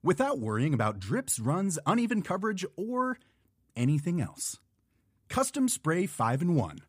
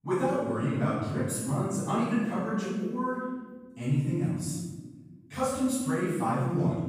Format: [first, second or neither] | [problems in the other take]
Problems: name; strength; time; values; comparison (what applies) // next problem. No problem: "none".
first | off-mic speech; far // room echo; strong; dies away in 1.3 s